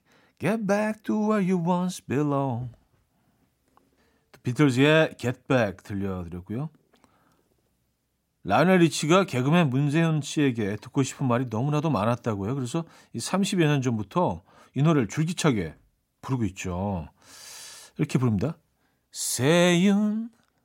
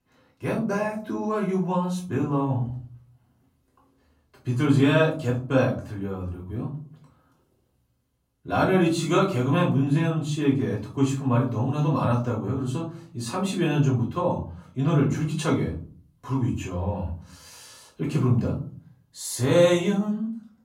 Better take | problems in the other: first | off-mic speech; far // room echo; slight; dies away in 0.5 s

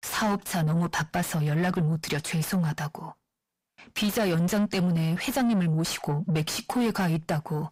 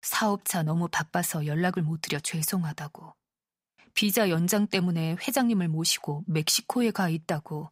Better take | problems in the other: second | distortion; heavy; 7 dB below the speech

